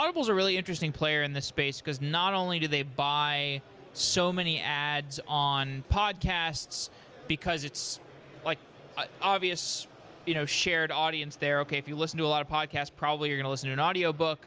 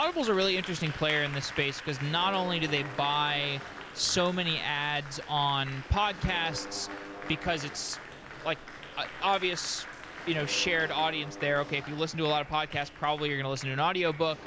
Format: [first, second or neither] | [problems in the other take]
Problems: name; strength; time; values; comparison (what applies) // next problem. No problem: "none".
first | background sound (Mechanisms + Applause); 12 dB below the speech